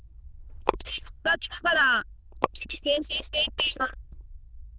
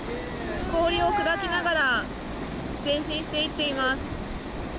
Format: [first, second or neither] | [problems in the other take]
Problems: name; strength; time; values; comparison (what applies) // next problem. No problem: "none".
second | noise reduction (neural diffusion model UNIVERSE++)